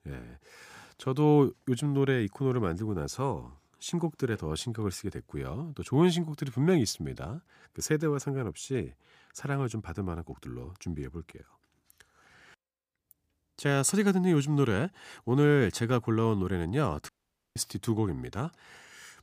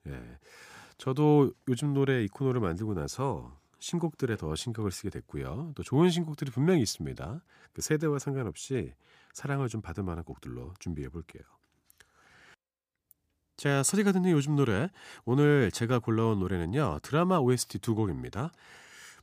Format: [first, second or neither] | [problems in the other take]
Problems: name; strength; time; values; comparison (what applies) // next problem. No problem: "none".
second | audio cutting out; at 17 s